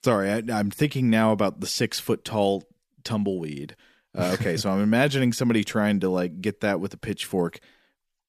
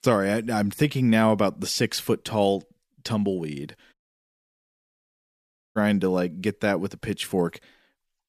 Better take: first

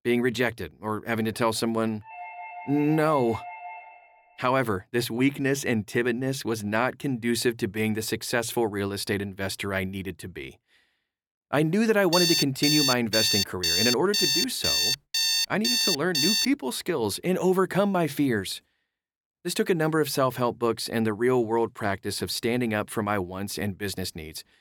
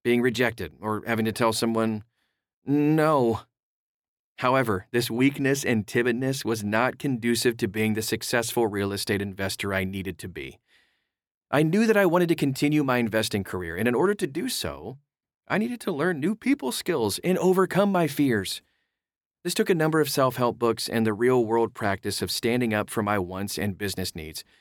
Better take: second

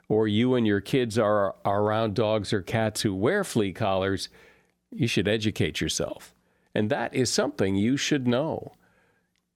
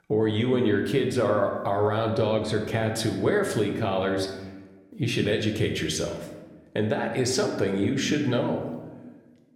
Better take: first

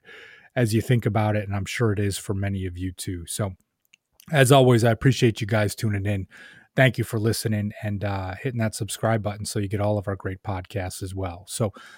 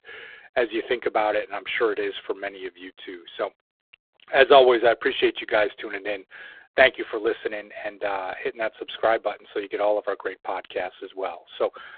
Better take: first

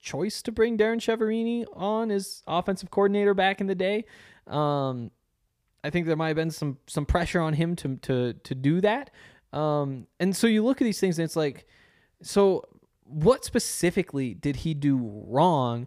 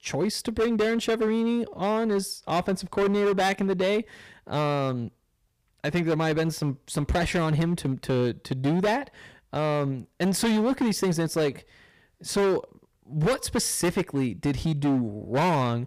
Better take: first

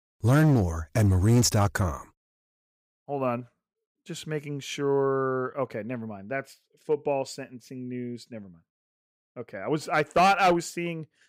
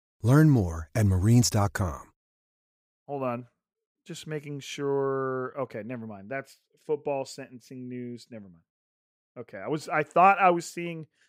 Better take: second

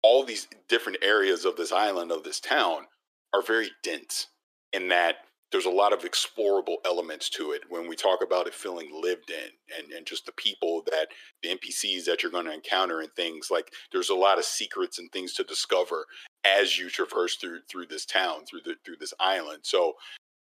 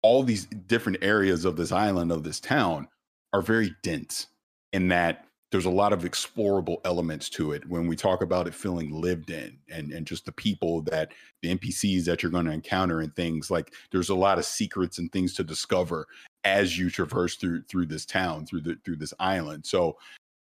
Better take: second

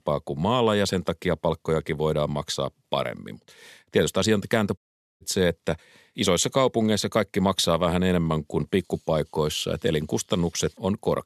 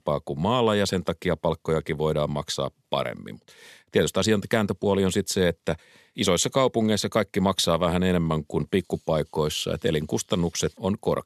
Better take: second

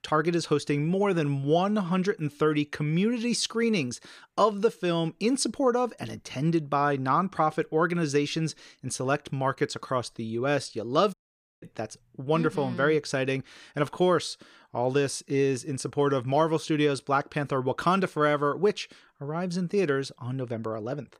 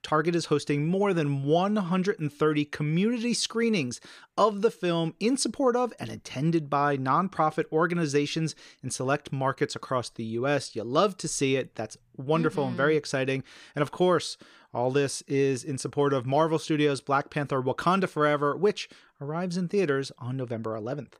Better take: second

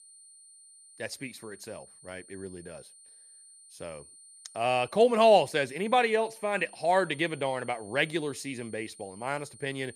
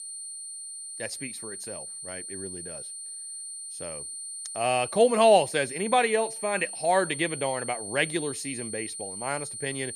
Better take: first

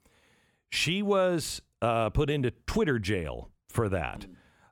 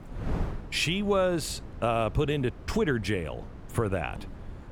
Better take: first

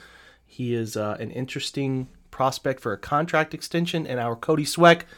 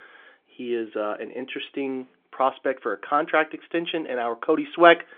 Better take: first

